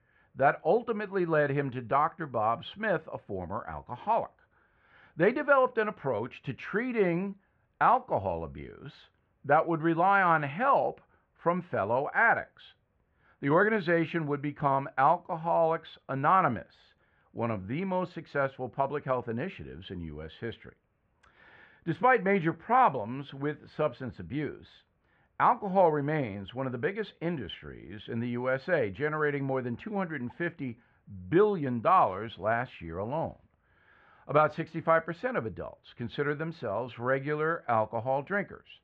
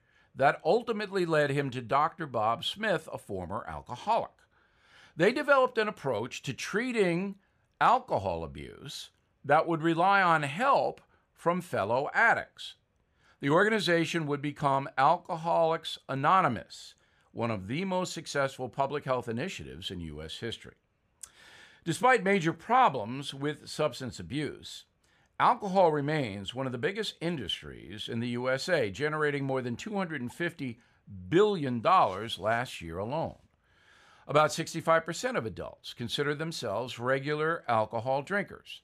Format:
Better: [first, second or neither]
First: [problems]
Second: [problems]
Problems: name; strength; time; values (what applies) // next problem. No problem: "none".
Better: second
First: muffled; very; fading above 2 kHz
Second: none